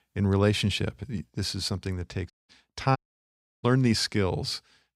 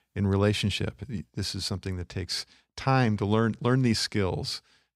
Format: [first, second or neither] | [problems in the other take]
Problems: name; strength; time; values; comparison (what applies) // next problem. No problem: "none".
second | audio cutting out; at 2.5 s and at 3 s for 0.5 s